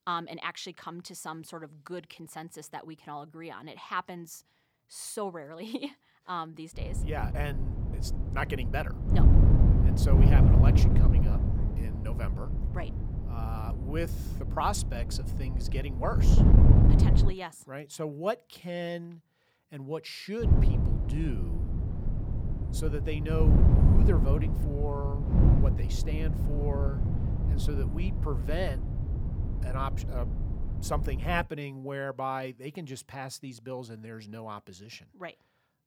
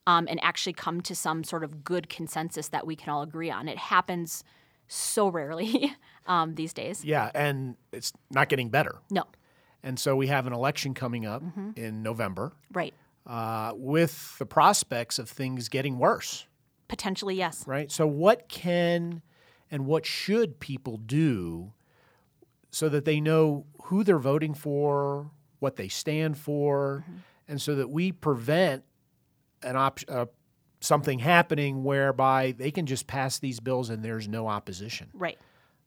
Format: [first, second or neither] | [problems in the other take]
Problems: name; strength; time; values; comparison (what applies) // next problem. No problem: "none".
second | wind noise on the microphone; heavy; from 7 to 17 s and from 20 to 31 s; 2 dB below the speech